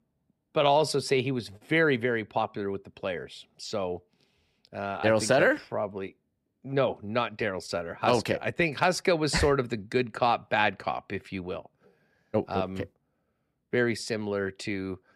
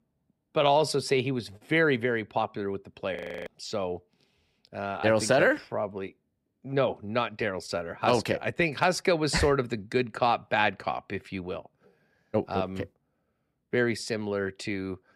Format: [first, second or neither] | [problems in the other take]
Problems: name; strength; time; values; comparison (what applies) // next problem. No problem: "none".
first | audio freezing; at 3 s